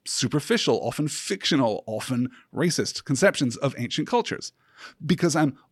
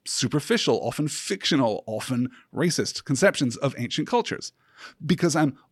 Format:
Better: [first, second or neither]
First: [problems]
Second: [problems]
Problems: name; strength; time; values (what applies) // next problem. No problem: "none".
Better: neither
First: none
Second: none